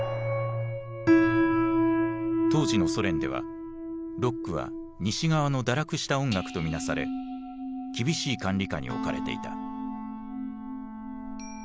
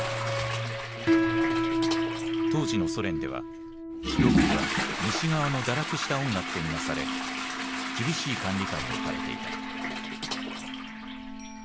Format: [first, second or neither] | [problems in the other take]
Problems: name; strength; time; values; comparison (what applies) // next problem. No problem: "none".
first | background sound (Toilet flush / Water); 2 dB below the speech